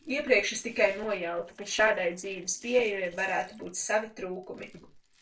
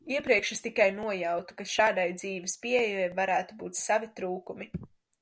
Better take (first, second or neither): second